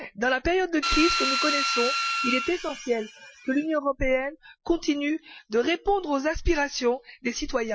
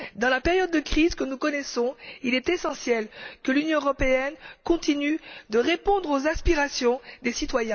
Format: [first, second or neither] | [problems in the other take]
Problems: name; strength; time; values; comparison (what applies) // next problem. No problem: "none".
second | noise reduction (classical method Wiener filter)